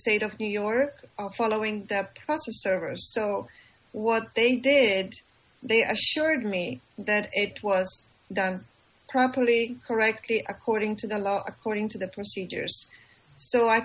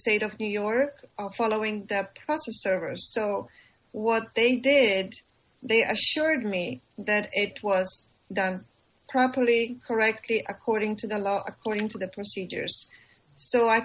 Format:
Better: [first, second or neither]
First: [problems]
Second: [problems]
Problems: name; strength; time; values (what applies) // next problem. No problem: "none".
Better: first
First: none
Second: noise reduction (neural separator model SepFormer DNS4)